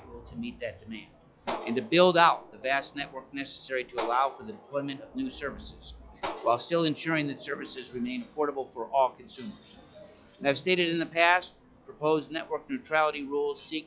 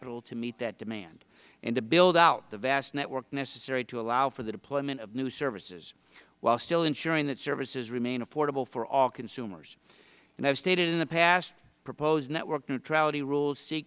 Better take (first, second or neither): second